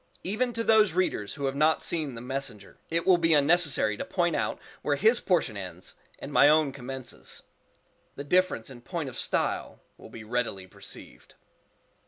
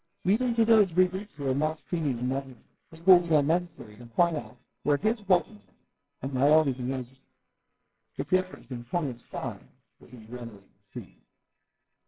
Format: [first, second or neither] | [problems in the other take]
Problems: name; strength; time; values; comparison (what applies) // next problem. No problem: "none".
first | noise reduction (neural separator model SepFormer WHAMR!)